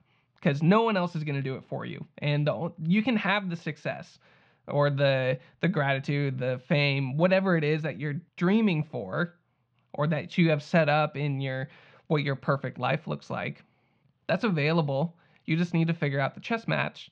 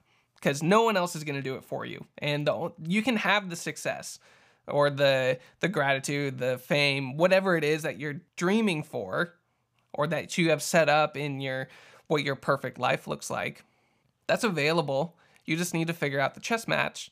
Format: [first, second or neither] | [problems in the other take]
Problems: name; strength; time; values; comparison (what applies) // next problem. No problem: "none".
second | muffled; very slightly; fading above 4 kHz